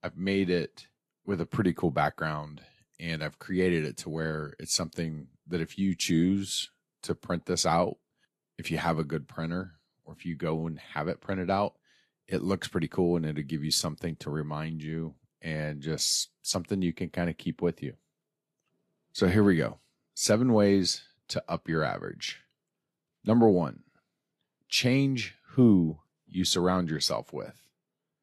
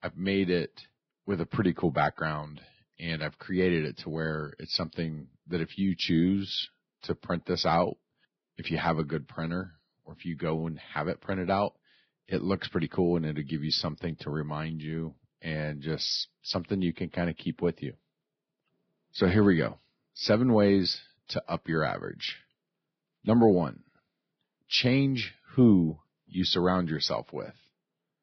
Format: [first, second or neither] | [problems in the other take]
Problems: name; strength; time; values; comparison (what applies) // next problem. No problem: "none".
first | garbled, watery; badly; nothing above 5.5 kHz; slightly in the first